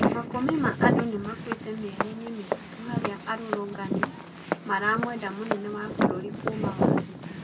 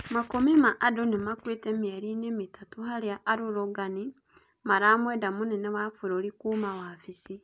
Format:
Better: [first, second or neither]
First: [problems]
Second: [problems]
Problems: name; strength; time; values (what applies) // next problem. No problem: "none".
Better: second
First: background sound (Walk, footsteps); 3 dB above the speech // room echo; dies away in 0.2 s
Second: none